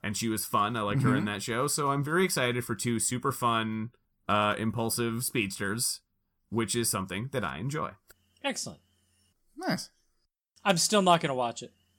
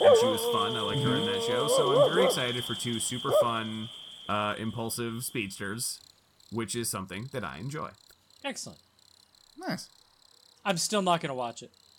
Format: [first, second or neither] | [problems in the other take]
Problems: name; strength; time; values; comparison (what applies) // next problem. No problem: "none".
first | animal sounds; very loud; throughout; 5 dB above the speech